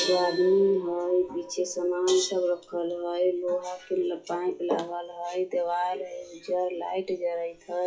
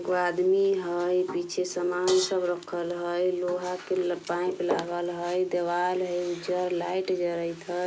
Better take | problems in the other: second | noise reduction (classical method WPE with log-MMSE)

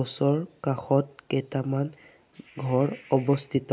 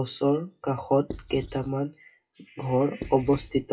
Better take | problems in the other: first | noise reduction (classical method WPE with log-MMSE)

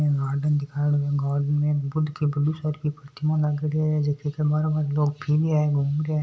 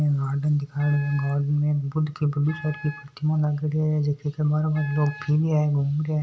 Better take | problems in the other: first | background sound (Wind instrument, woodwind instrument); 20 dB below the speech

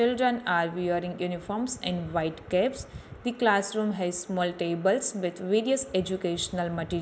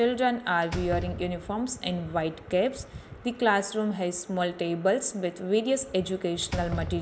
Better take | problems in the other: first | background sound (Slam); 13 dB below the speech

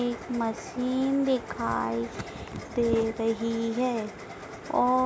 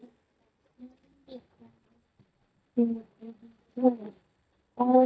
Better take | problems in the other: first | noise reduction (neural mask model DeepFilterNet 3)

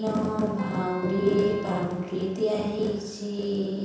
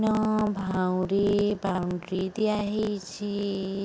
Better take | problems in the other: second | background sound (Keyboard (musical)); 17 dB below the speech // room echo; dies away in 0.9 s

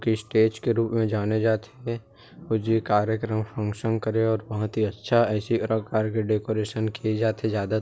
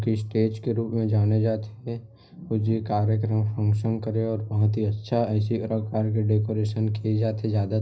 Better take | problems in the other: first | room echo; dies away in 0.4 s

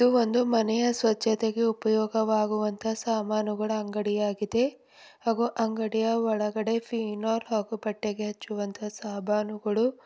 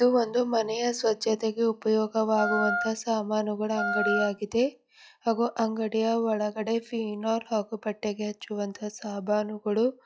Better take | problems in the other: first | noise reduction (classical method log-MMSE)

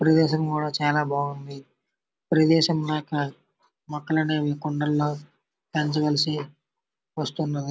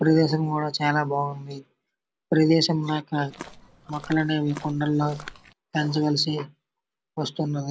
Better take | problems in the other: first | background sound (Walk, footsteps); 18 dB below the speech

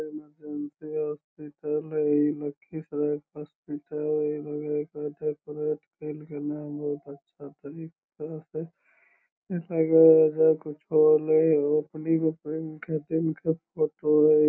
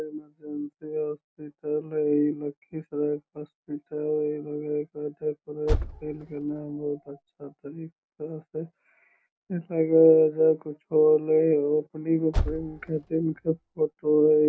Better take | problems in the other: first | background sound (Car); 6 dB below the speech

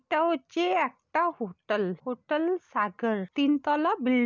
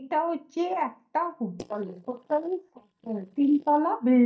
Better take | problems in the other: first | noise reduction (neural mask model DeepFilterNet 3)

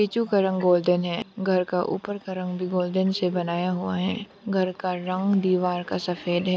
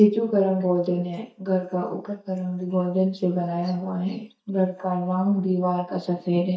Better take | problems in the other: first | noise reduction (neural mask model DeepFilterNet 3)

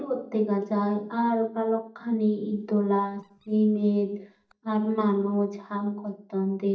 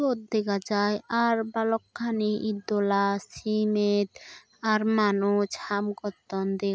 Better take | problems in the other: second | noise reduction (neural mask model DeepFilterNet 3)

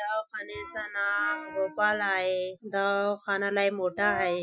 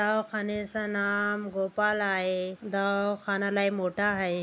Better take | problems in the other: second | noise reduction (classical method Wiener filter)

